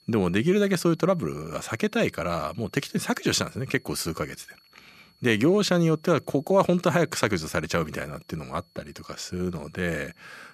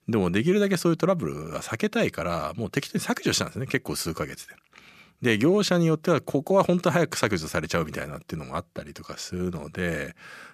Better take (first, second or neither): second